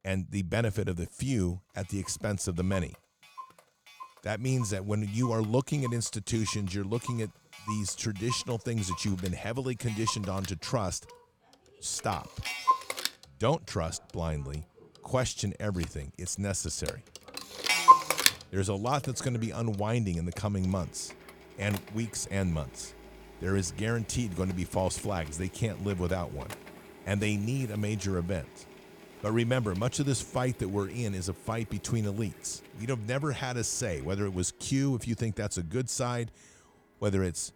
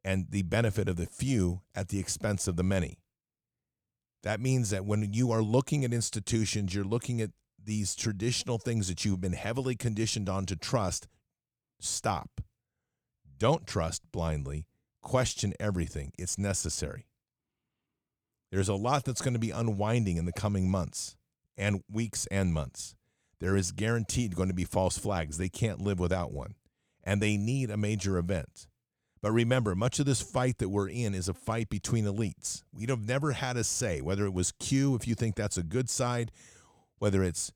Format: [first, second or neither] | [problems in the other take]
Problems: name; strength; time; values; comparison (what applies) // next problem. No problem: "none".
second | household noises; very loud; throughout; 1 dB above the speech